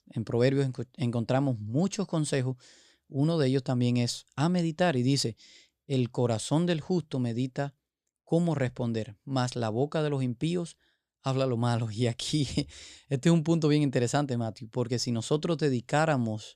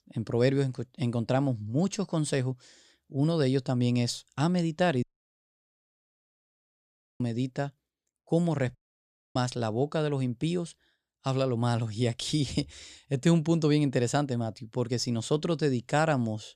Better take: first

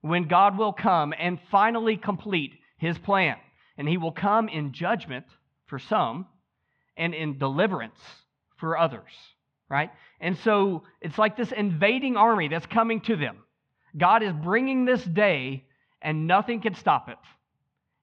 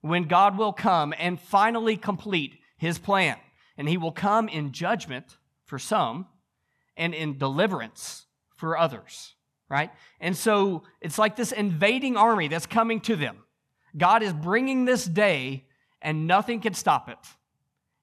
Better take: second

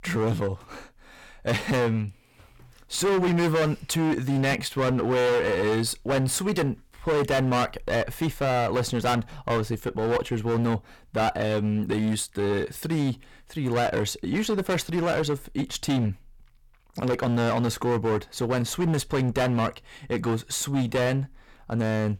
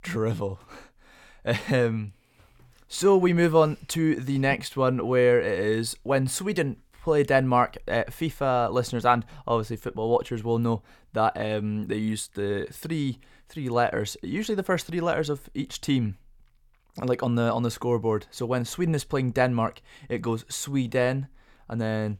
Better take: second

